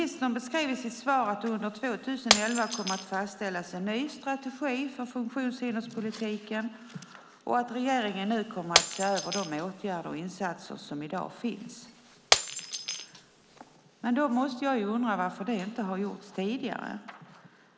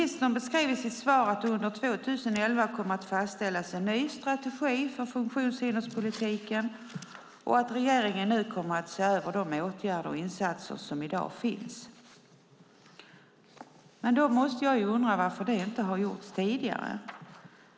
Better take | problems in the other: second | background sound (Shatter); 2 dB below the speech

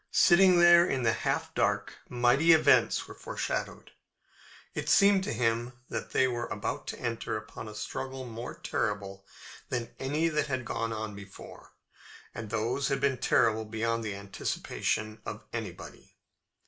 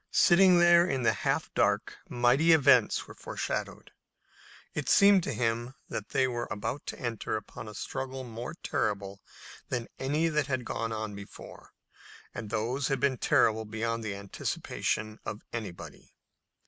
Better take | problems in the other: second | room echo; dies away in 0.3 s

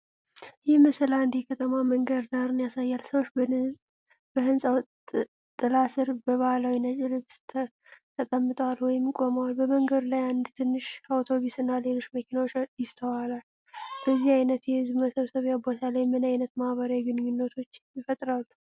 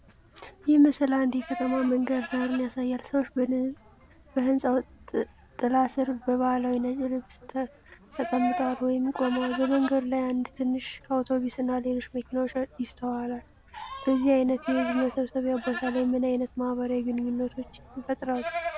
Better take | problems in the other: first | background sound (Livestock, farm animals, working animals); 14 dB below the speech

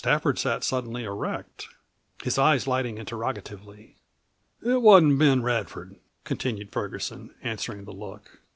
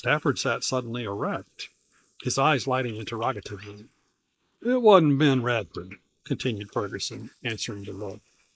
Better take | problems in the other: first | noise reduction (neural mask model Resemble Enhance denoiser)

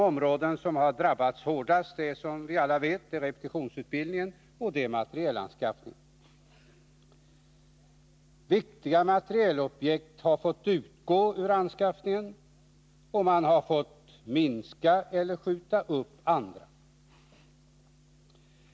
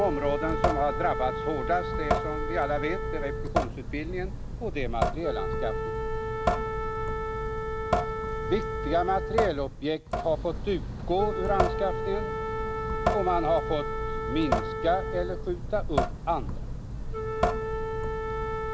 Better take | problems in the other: first | background sound (Wind instrument, woodwind instrument + Drip / Sink (filling or washing) / Water tap, faucet); 2 dB above the speech

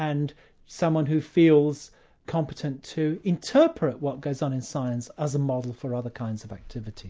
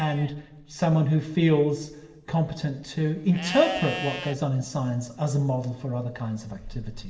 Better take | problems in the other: first | background sound (Livestock, farm animals, working animals); 15 dB below the speech // room echo; dies away in 0.9 s

